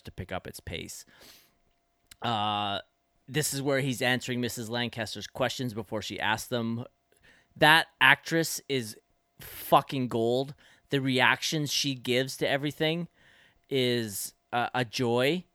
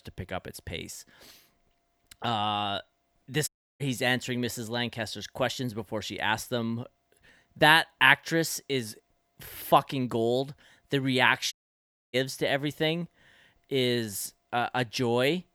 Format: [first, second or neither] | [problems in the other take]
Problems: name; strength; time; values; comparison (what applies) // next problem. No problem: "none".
first | audio cutting out; at 3.5 s and at 12 s for 0.5 s